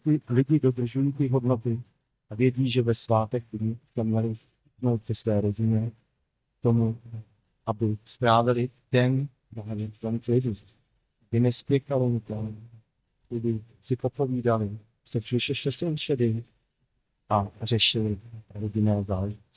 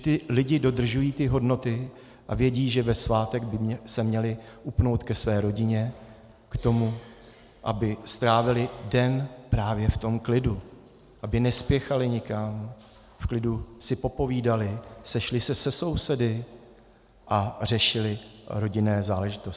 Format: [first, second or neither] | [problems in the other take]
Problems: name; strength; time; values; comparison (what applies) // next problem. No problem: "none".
second | noise reduction (neural mask model DeepFilterNet 3)